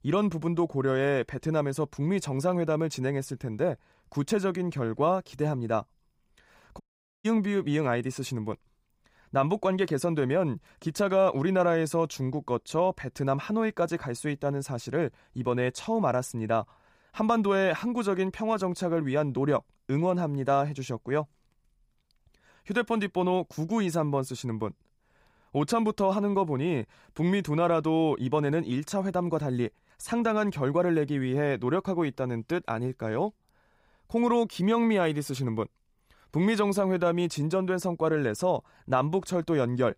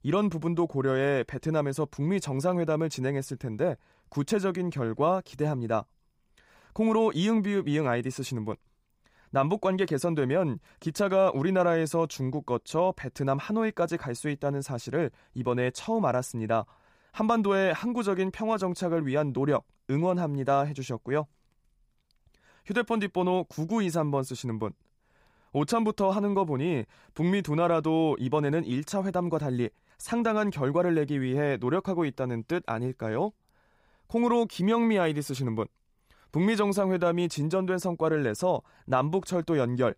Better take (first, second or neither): second